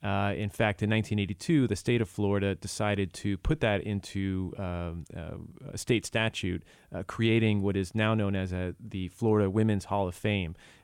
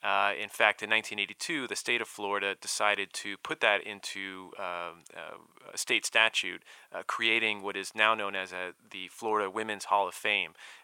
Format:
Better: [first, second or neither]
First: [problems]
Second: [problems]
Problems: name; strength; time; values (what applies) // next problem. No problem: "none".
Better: first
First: none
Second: thin; very; fading below 750 Hz